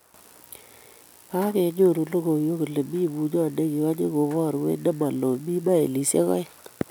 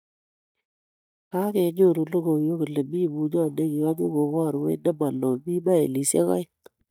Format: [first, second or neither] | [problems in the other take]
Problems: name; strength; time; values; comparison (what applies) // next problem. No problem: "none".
first | noise reduction (neural mask model DeepFilterNet 3)